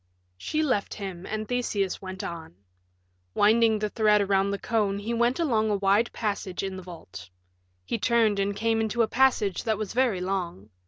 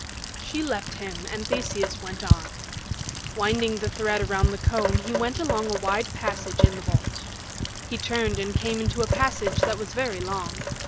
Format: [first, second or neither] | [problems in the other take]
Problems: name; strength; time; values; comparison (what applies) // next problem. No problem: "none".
first | background sound (Rain); 2 dB above the speech